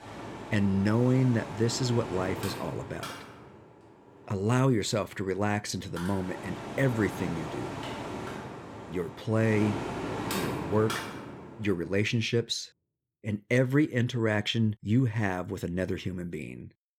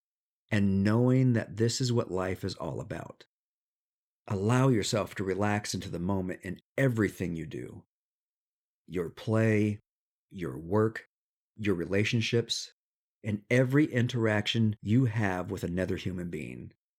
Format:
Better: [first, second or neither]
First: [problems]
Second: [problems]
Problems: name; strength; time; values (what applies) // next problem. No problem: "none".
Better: second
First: machinery noise; loud; until 12 s; 9 dB below the speech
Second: none